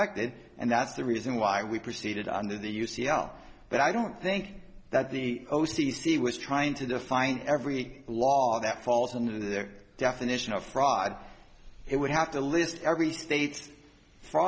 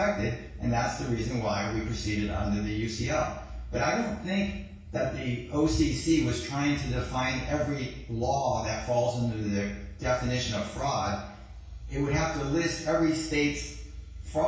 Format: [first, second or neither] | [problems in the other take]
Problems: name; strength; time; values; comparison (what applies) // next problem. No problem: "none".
first | room echo; dies away in 0.6 s